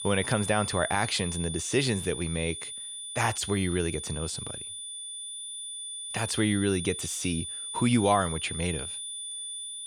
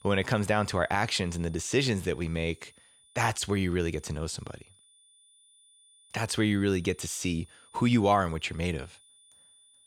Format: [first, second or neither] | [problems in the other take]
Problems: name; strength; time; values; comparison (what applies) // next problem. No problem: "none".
second | high-pitched whine; loud; throughout; 9.5 kHz, 6 dB below the speech; faint in the second